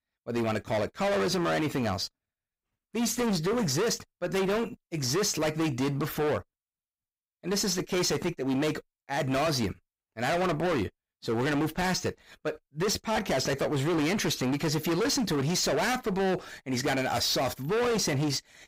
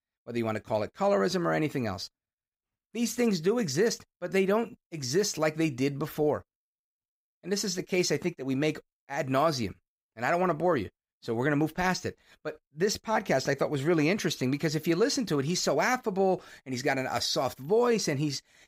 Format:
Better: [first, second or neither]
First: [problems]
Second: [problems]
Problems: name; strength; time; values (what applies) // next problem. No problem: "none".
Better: second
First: distortion; heavy; 25% of the sound clipped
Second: none